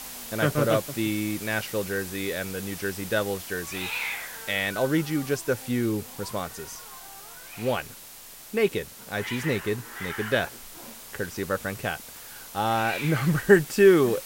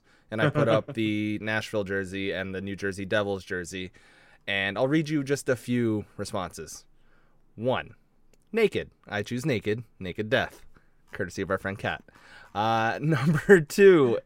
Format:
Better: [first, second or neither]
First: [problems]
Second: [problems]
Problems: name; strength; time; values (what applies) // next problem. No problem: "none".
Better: second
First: hiss; noticeable; throughout; 10 dB below the speech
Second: none